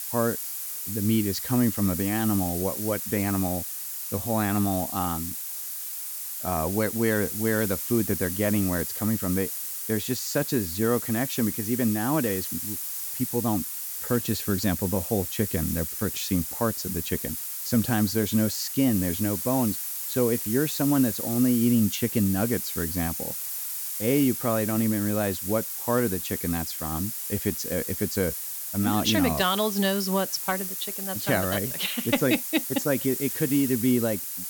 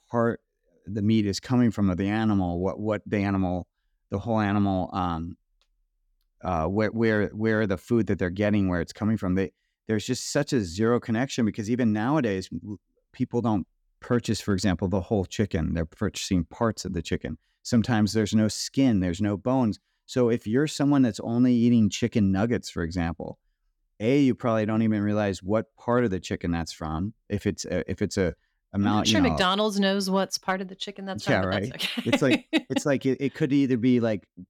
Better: second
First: hiss; loud; throughout; 3 dB below the speech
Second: none

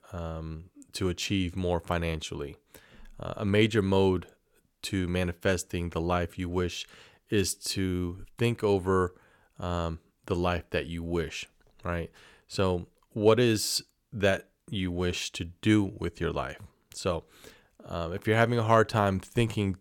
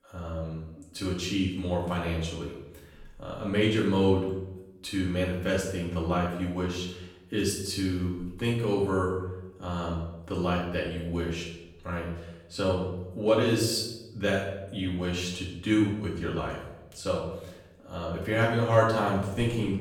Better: first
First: none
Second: off-mic speech; far // room echo; noticeable; dies away in 0.8 s

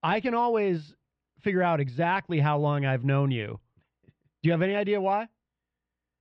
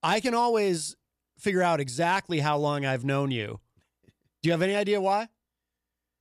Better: second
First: muffled; very; fading above 3 kHz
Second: none

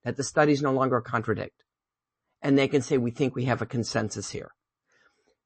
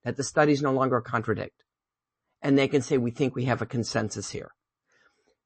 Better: neither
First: garbled, watery; slightly; nothing above 8 kHz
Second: garbled, watery; slightly; nothing above 8 kHz

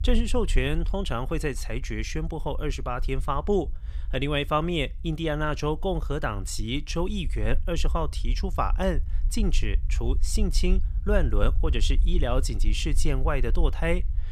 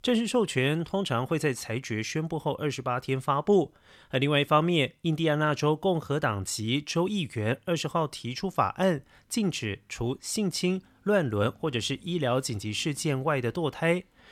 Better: second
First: low rumble; faint; throughout; 25 dB below the speech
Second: none

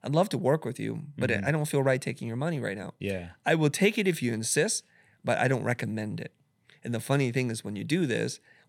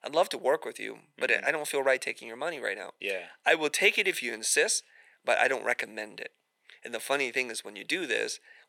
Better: first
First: none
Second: thin; very; fading below 450 Hz

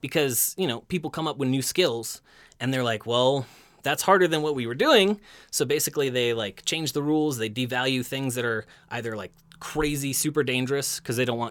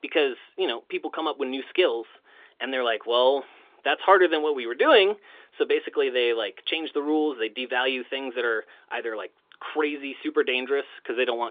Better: first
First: none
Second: phone-call audio

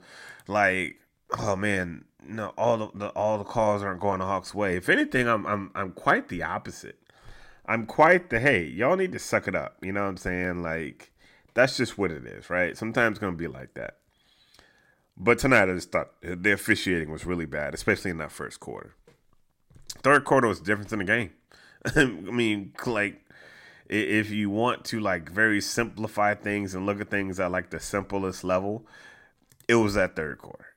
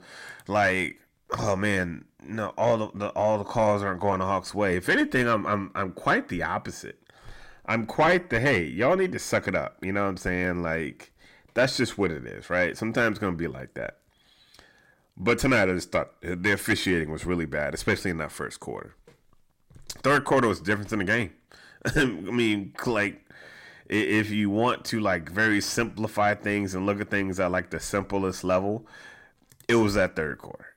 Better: first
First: none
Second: distortion; slight; 10 dB below the speech

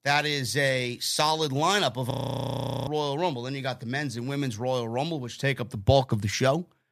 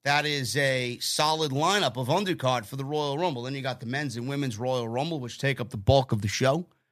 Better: second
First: audio freezing; at 2 s for 1 s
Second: none

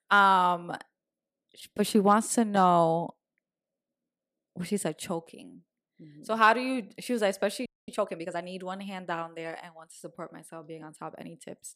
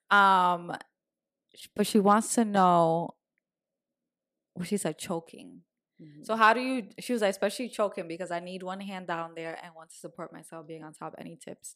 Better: second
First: audio freezing; at 7.5 s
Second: none

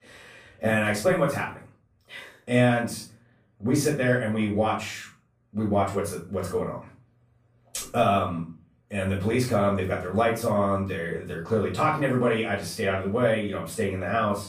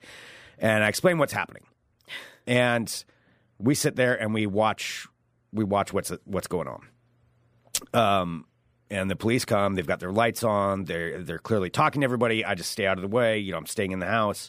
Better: second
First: off-mic speech; far // room echo; noticeable; dies away in 0.4 s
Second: none

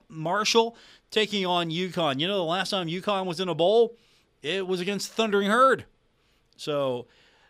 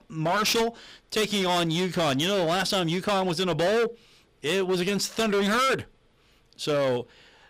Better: first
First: none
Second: distortion; heavy; 19% of the sound clipped

